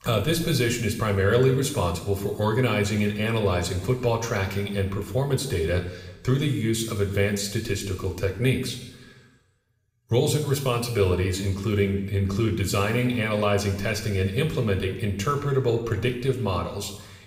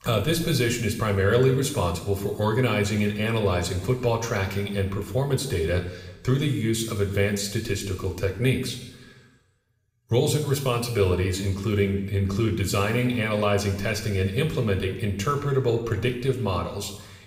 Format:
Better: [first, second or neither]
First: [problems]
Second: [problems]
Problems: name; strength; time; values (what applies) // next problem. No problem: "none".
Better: neither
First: room echo; slight; dies away in 1 s // off-mic speech; somewhat distant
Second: room echo; slight; dies away in 1 s // off-mic speech; somewhat distant